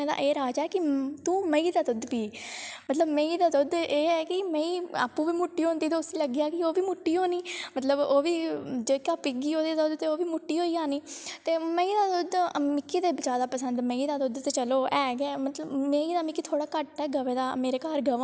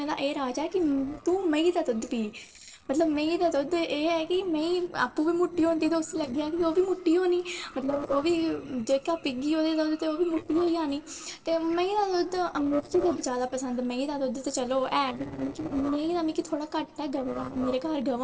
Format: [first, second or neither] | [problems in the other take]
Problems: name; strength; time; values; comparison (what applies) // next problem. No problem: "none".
first | noise reduction (neural separator model SepFormer DNS4)